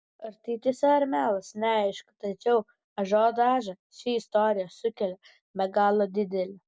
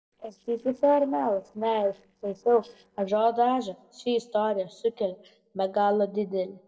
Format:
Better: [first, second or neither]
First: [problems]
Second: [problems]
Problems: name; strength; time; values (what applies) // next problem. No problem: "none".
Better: first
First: none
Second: noise reduction (neural separator model SepFormer DNS4)